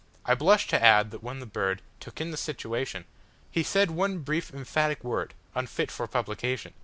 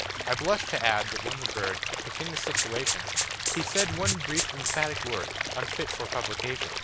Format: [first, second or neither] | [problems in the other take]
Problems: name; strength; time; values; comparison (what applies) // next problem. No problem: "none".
first | background sound (Rattle (instrument) + Stream / Liquid); 2 dB above the speech